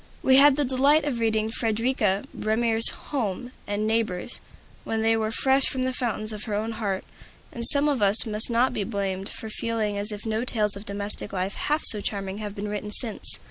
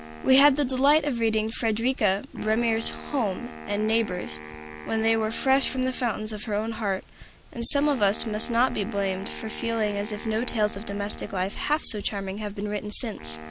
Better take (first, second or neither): first